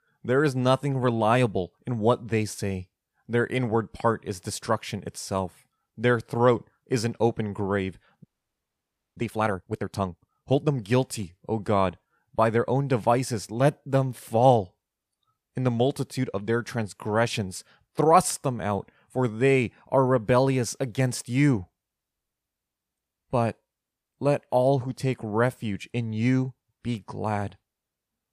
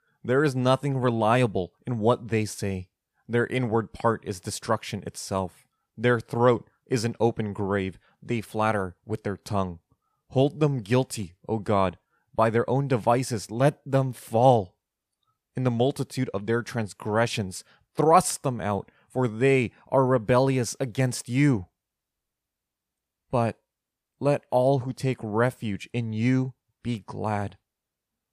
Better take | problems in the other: second | audio freezing; at 8.5 s for 1 s

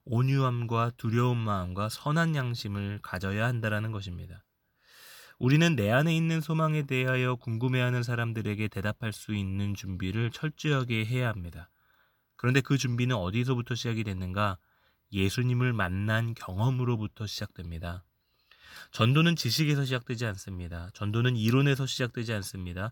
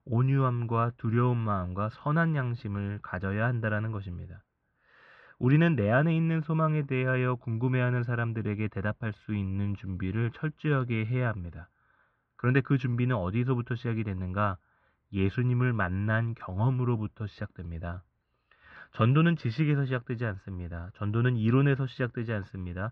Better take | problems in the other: first | muffled; very; fading above 2 kHz

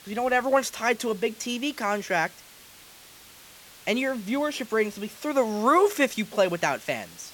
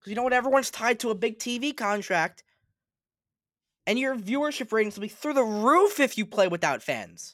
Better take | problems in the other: second | hiss; faint; throughout; 20 dB below the speech

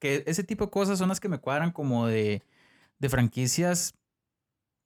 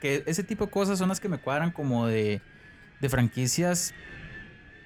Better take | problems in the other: first | wind noise on the microphone; occasional gusts; 20 dB below the speech

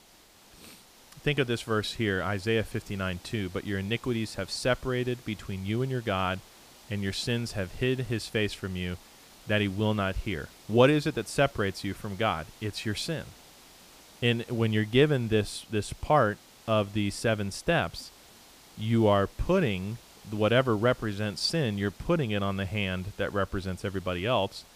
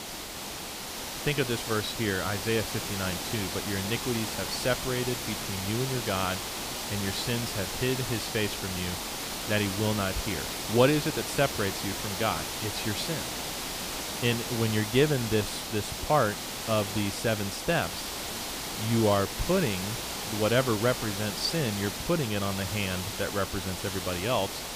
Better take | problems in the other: first | hiss; loud; throughout; 3 dB below the speech; faint in the first

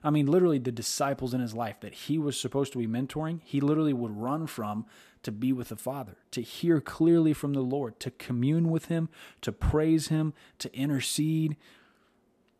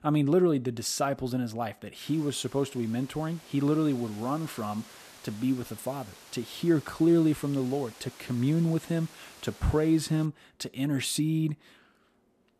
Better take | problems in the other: first | hiss; faint; from 2 to 10 s; 20 dB below the speech

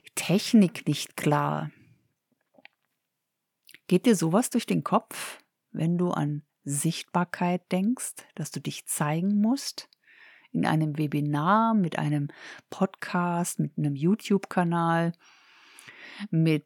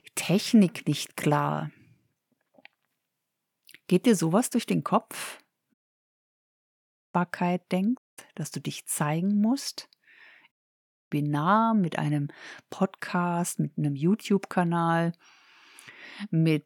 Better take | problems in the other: first | audio cutting out; at 5.5 s for 1.5 s, at 8 s and at 11 s for 0.5 s

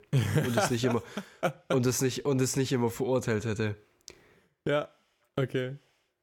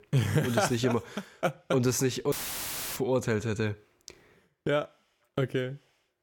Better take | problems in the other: first | audio cutting out; filled with static; at 2.5 s for 0.5 s

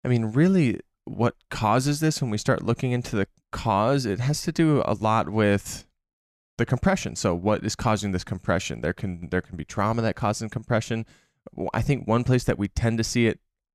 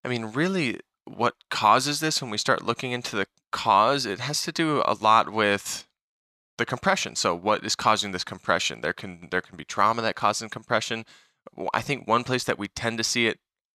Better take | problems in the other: first | thin; somewhat; fading below 1 kHz

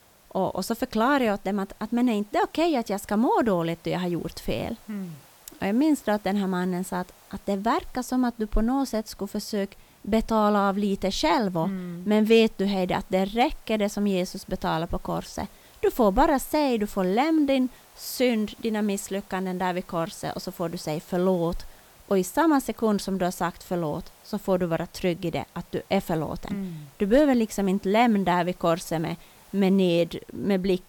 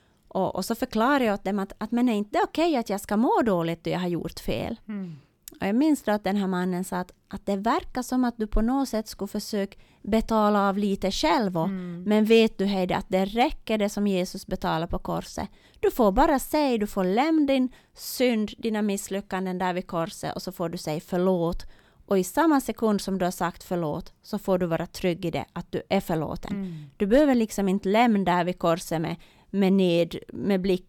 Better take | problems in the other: second | hiss; faint; throughout; 25 dB below the speech

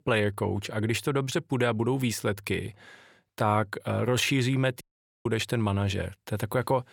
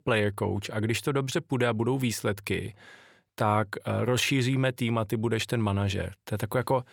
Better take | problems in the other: second | audio cutting out; at 5 s

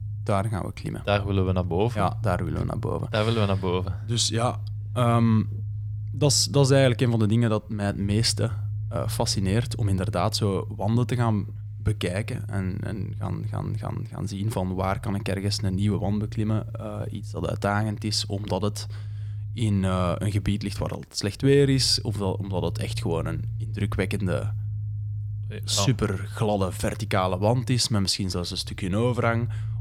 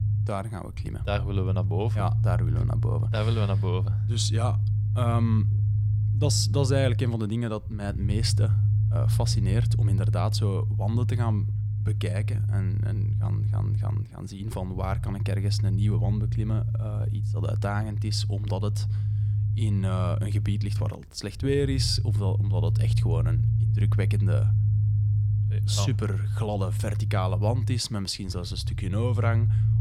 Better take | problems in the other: first | low rumble; loud; throughout; 6 dB below the speech; faint in the first

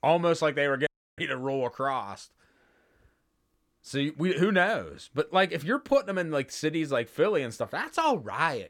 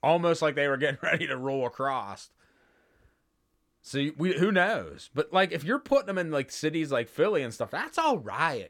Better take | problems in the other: second | audio cutting out; at 1 s

